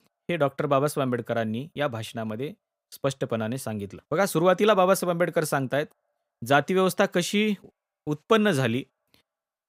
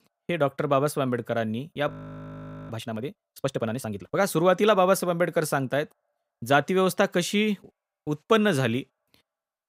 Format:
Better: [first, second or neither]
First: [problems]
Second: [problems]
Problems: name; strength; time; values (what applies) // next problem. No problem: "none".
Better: first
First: none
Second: audio freezing; at 2 s for 1 s